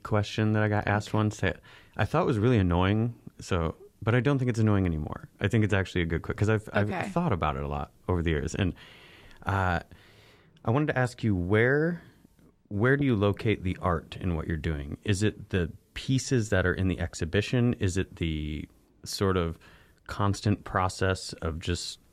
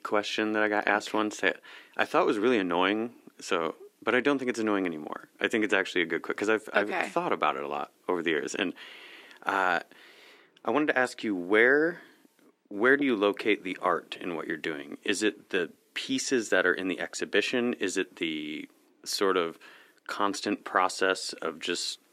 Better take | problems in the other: first | thin; somewhat; fading below 300 Hz

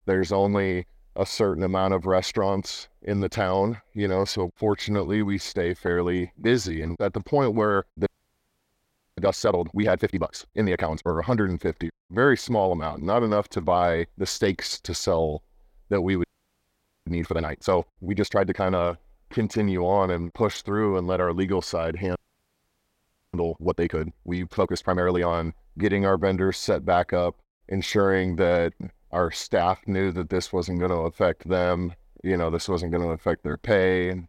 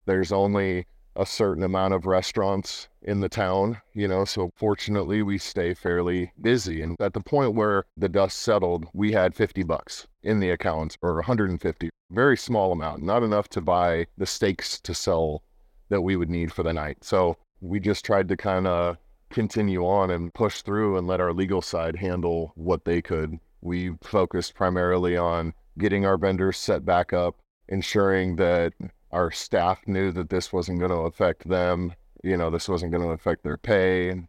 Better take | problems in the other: second | audio freezing; at 8 s for 1 s, at 16 s for 1 s and at 22 s for 1 s

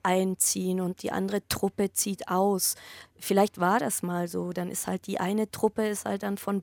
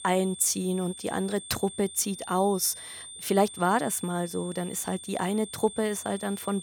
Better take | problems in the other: first | high-pitched whine; noticeable; throughout; 8.5 kHz, 10 dB below the speech

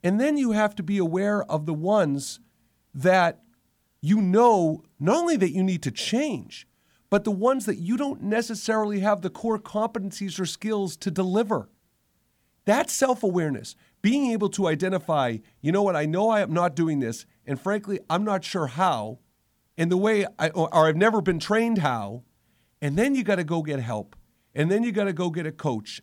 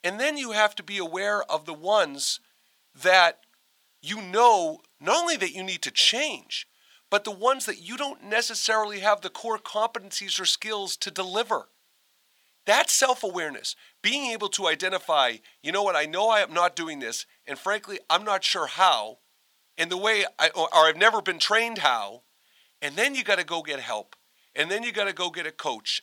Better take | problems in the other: first | thin; very; fading below 700 Hz

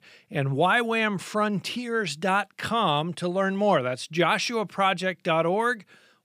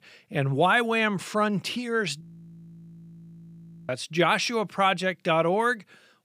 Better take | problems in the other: first | audio freezing; at 2 s for 1.5 s

